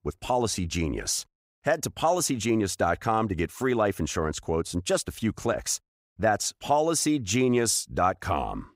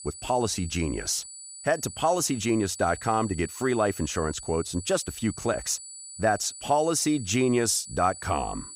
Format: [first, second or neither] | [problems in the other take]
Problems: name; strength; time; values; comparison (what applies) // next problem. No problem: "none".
first | high-pitched whine; noticeable; throughout; 8 kHz, 15 dB below the speech